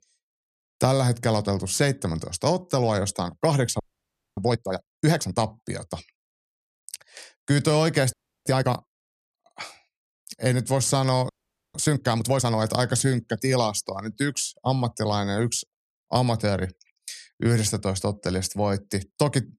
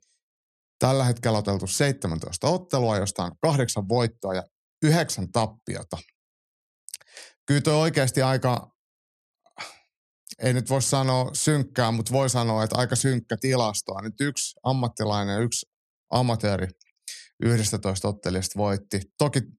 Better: second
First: audio freezing; at 4 s for 0.5 s, at 8 s and at 11 s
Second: none

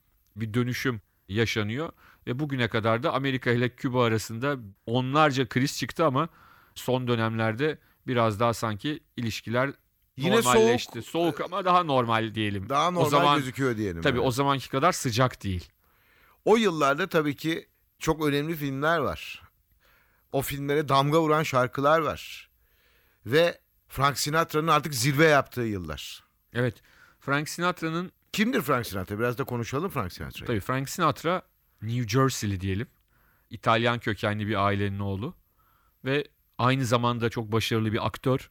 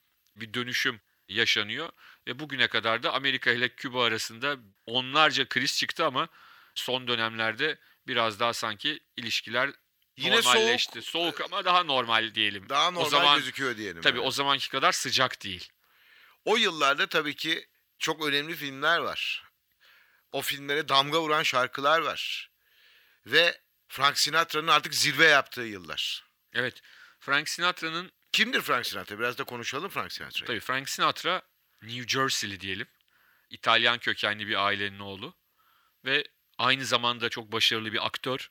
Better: first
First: none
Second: thin; somewhat; fading below 950 Hz

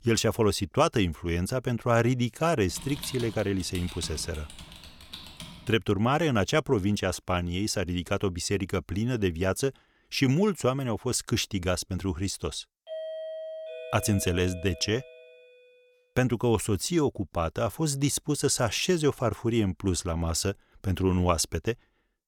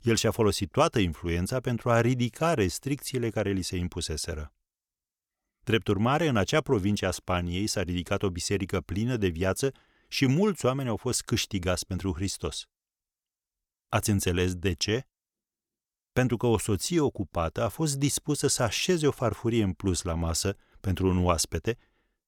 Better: second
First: keyboard typing; faint; from 2.5 to 5.5 s; peak 10 dB below the speech // doorbell; noticeable; from 13 to 15 s; peak 9 dB below the speech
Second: none

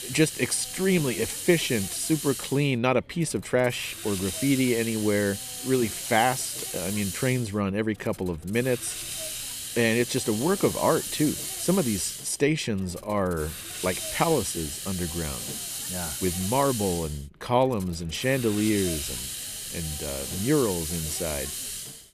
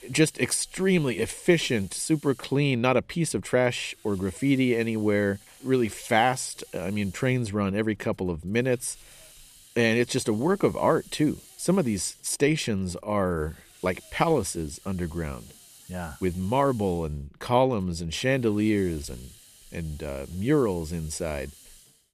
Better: second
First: hiss; loud; throughout; 5 dB below the speech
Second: hiss; faint; throughout; 25 dB below the speech

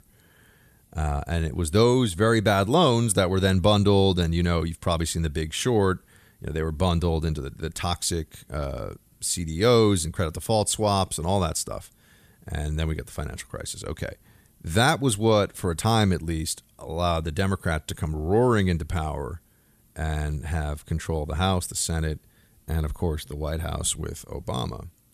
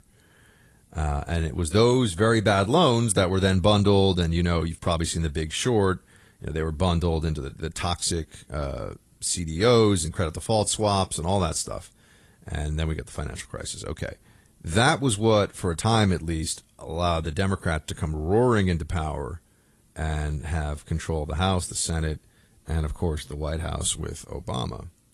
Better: first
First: none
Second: garbled, watery; slightly

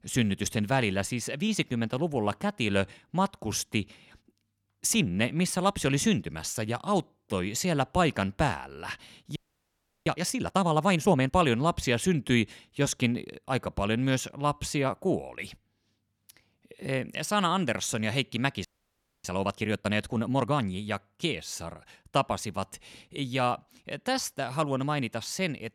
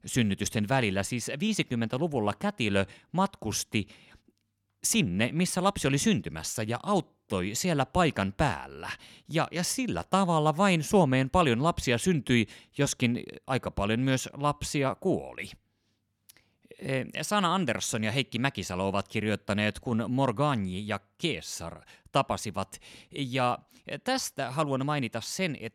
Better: second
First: audio freezing; at 9.5 s for 0.5 s and at 19 s for 0.5 s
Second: none

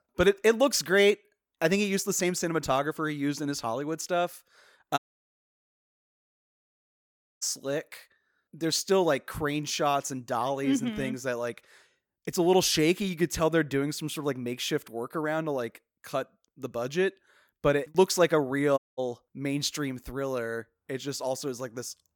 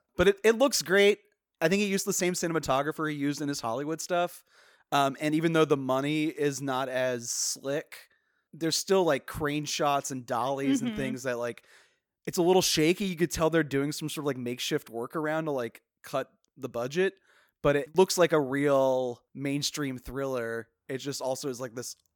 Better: second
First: audio cutting out; at 5 s for 2.5 s and at 19 s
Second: none

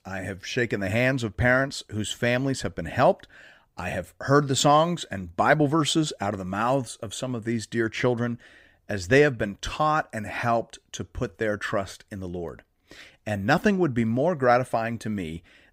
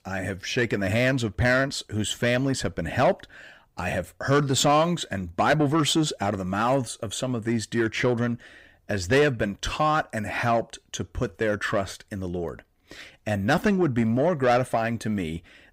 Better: first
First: none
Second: distortion; slight; 10 dB below the speech

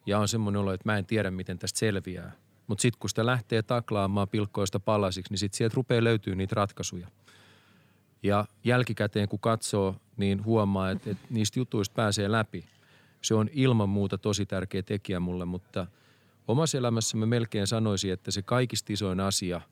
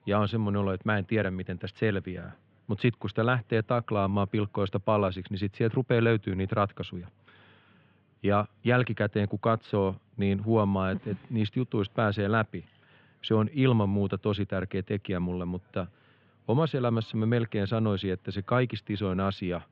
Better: first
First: none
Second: muffled; very; fading above 3 kHz

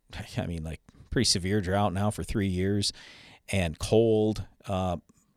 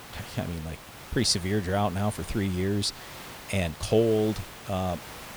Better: first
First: none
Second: hiss; noticeable; throughout; 15 dB below the speech

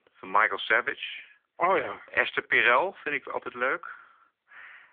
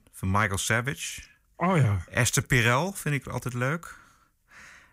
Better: second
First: phone-call audio; nothing above 3.5 kHz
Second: none

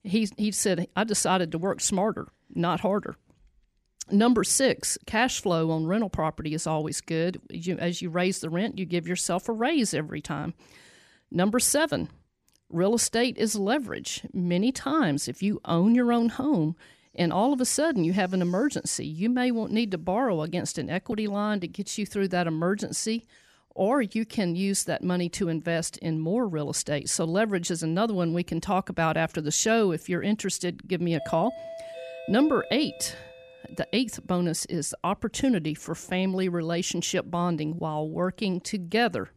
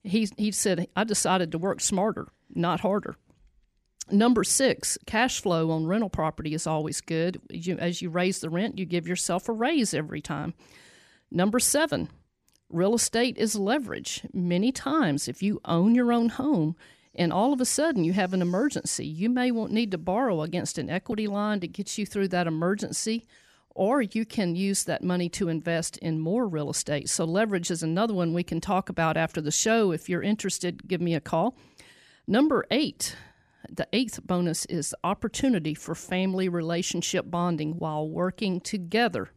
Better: second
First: doorbell; noticeable; from 31 to 34 s; peak 10 dB below the speech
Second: none

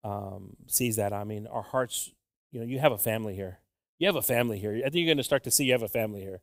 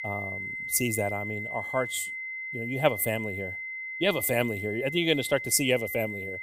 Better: first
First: none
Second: high-pitched whine; loud; throughout; 2 kHz, 6 dB below the speech

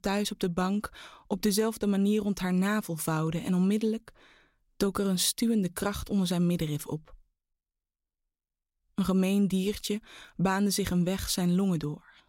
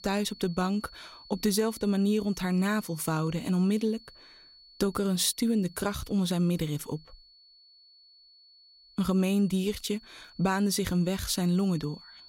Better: first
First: none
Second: high-pitched whine; faint; throughout; 4.5 kHz, 25 dB below the speech

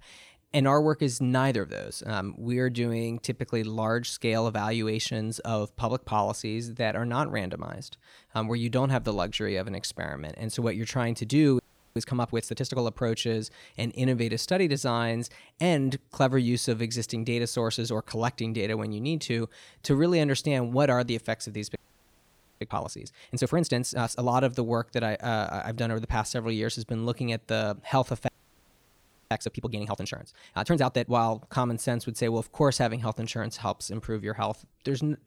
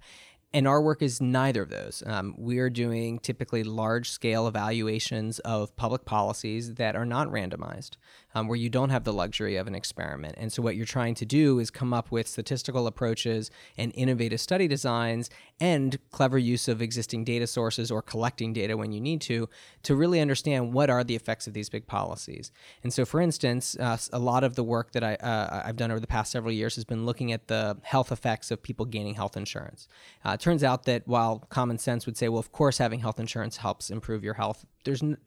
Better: second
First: audio freezing; at 12 s, at 22 s for 1 s and at 28 s for 1 s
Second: none

